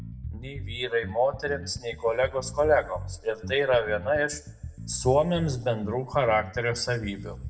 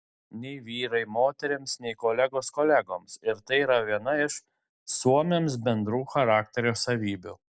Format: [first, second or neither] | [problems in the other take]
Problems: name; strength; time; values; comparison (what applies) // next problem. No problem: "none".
second | background sound (Bass guitar); 12 dB below the speech // room echo; dies away in 0.5 s